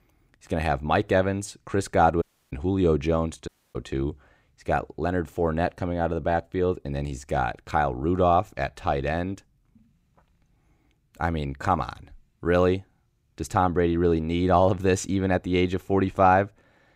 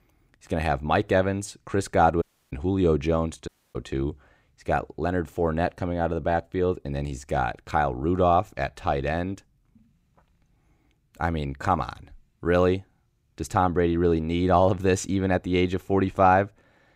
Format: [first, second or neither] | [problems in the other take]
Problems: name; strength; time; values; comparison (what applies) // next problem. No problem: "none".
neither | audio cutting out; at 2 s and at 3.5 s; the same in both